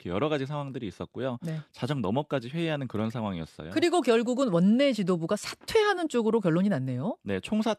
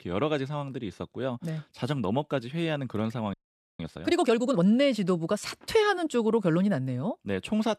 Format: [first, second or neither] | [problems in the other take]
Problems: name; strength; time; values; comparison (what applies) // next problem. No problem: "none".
first | audio freezing; at 3.5 s